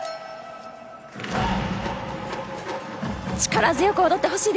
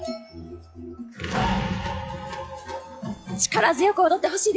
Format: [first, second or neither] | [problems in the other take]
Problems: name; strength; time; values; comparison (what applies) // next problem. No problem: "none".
first | noise reduction (classical method log-MMSE)